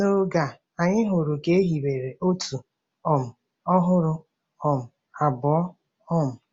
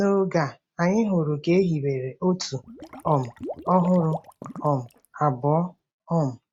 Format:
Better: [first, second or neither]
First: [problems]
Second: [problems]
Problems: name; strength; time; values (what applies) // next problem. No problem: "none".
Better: first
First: none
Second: noise reduction (neural mask model RNNoise)